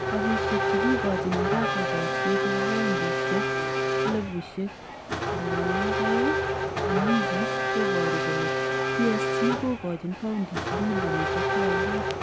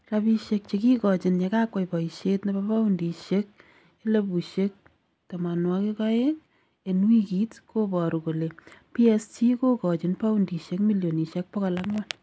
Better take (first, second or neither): second